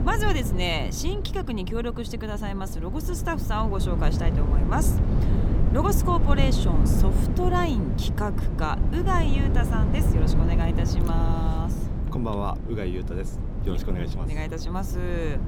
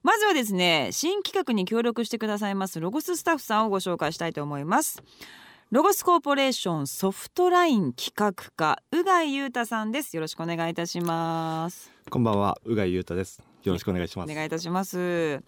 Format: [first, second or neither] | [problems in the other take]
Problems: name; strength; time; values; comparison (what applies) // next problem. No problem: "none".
second | wind noise on the microphone; heavy; 6 dB below the speech